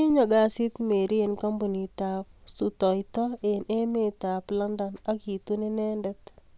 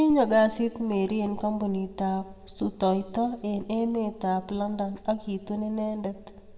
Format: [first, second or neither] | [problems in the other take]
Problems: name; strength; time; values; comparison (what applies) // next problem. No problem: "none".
first | room echo; dies away in 0.9 s